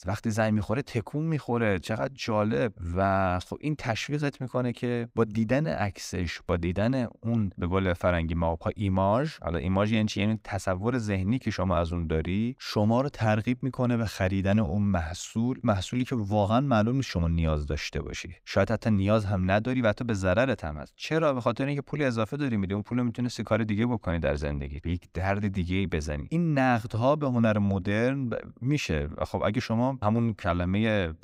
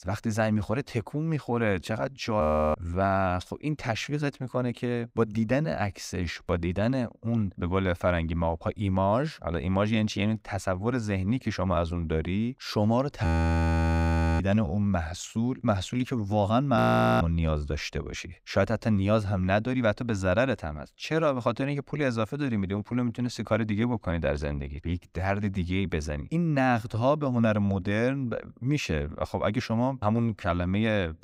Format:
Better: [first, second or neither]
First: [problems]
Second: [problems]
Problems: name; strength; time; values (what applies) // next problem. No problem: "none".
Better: first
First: none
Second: audio freezing; at 2.5 s, at 13 s for 1 s and at 17 s